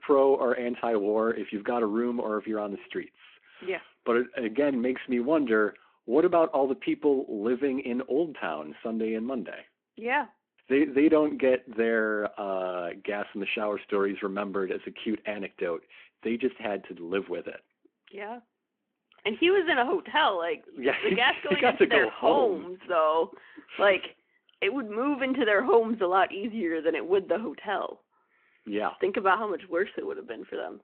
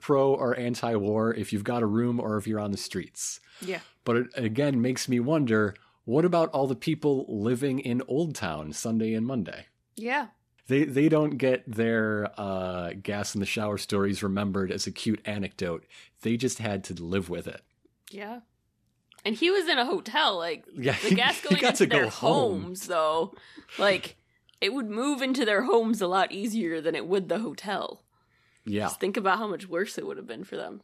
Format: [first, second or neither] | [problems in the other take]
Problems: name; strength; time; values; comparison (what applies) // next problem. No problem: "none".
second | phone-call audio